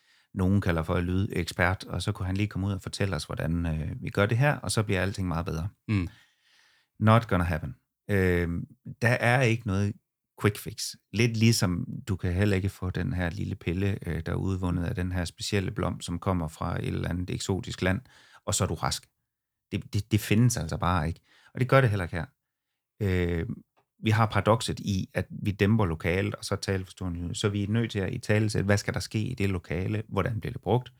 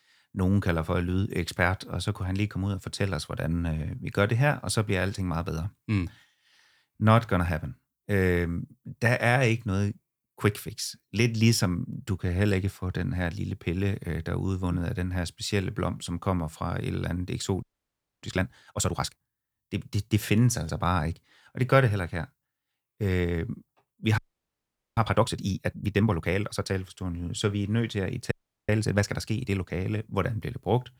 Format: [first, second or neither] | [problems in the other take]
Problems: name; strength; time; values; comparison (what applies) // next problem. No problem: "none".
first | audio freezing; at 18 s for 0.5 s, at 24 s for 1 s and at 28 s